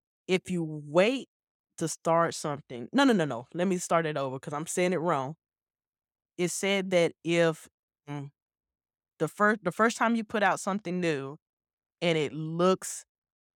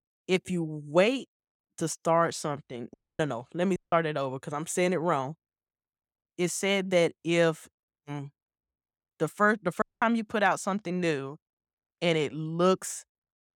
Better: first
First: none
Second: audio cutting out; at 3 s, at 4 s and at 10 s

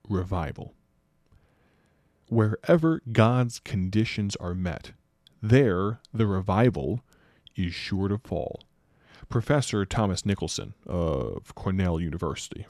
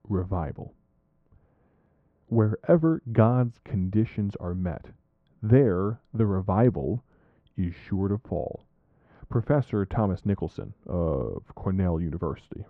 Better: first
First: none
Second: muffled; very; fading above 3.5 kHz

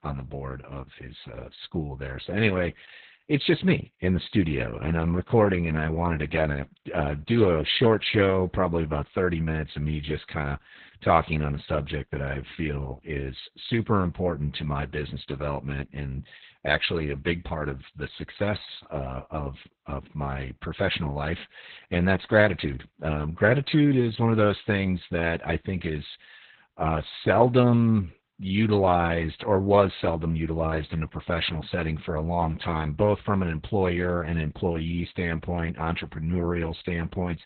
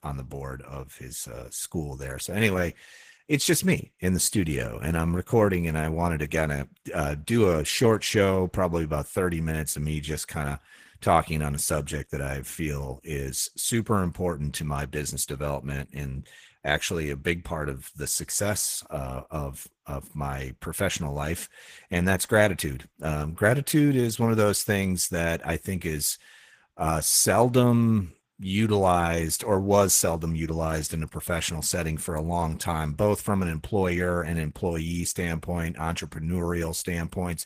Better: second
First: garbled, watery; badly; nothing above 4 kHz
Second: garbled, watery; slightly; nothing above 15 kHz

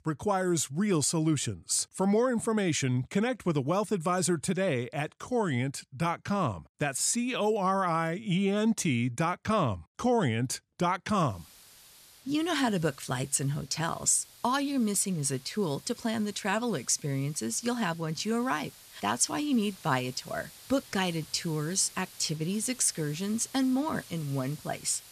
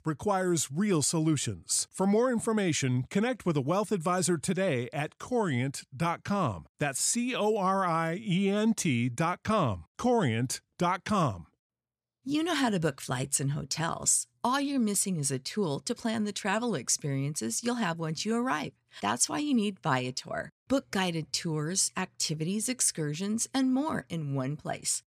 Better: second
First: hiss; faint; from 11 s on; 20 dB below the speech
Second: none

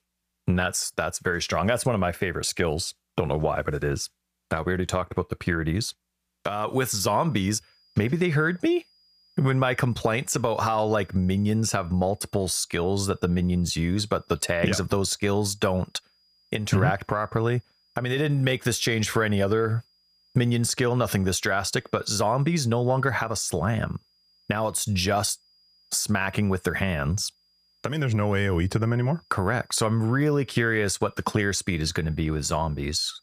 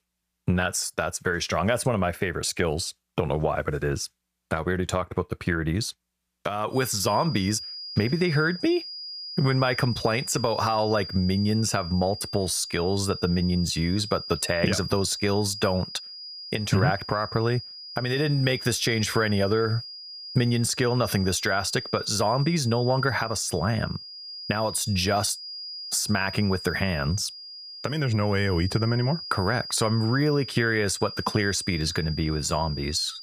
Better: first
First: high-pitched whine; faint; from 7 s on; 5 kHz, 35 dB below the speech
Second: high-pitched whine; loud; from 7 s on; 5 kHz, 10 dB below the speech

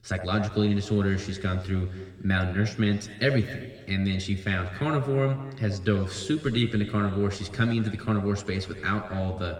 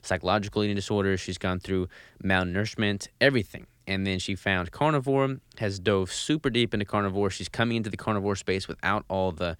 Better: second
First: room echo; slight; dies away in 1.7 s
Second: none

